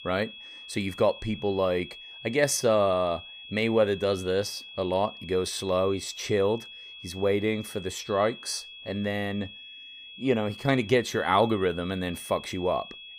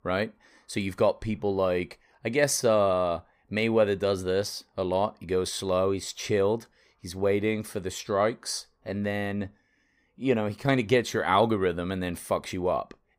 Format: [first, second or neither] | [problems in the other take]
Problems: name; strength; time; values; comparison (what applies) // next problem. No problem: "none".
second | high-pitched whine; noticeable; throughout; 3.5 kHz, 15 dB below the speech